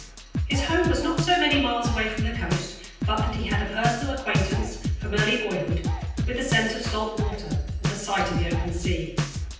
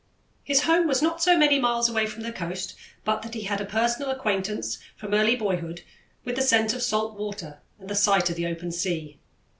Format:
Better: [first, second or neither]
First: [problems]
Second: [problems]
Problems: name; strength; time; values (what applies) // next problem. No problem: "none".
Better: second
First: background sound (Drum kit); as loud as the speech // room echo; dies away in 0.9 s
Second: none